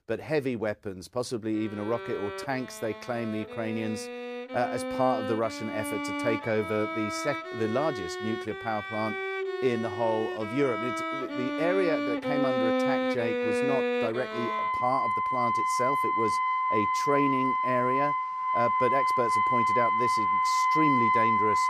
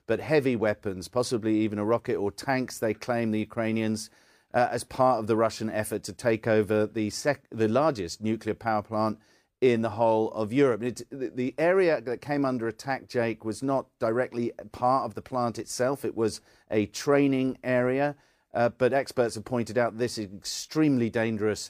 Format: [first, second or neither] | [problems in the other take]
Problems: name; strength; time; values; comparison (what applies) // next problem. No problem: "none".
second | background music; very loud; throughout; 3 dB above the speech